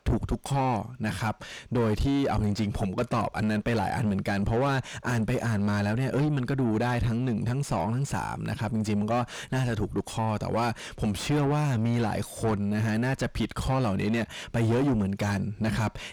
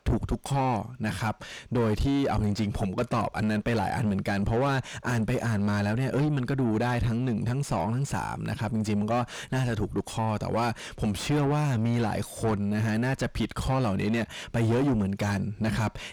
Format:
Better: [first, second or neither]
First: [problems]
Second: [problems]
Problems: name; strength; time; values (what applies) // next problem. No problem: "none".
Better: neither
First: distortion; heavy; 6 dB below the speech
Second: distortion; heavy; 6 dB below the speech